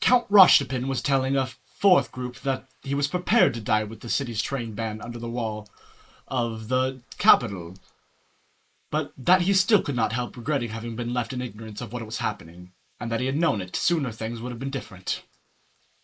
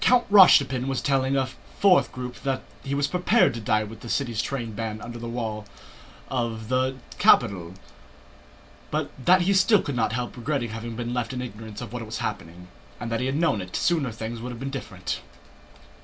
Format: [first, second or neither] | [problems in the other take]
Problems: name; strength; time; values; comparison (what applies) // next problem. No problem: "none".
second | noise reduction (neural mask model Resemble Enhance denoiser)